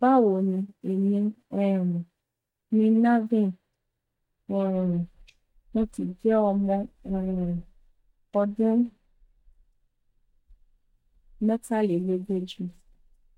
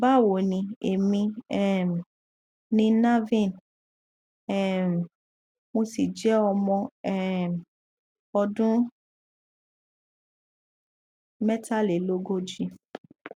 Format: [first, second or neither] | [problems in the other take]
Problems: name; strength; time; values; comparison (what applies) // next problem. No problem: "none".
second | noise reduction (neural mask model DeepFilterNet 3)